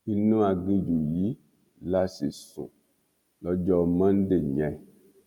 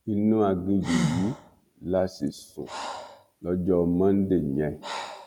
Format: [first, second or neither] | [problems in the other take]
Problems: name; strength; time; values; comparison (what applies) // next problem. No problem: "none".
first | background sound (Breathing); 12 dB below the speech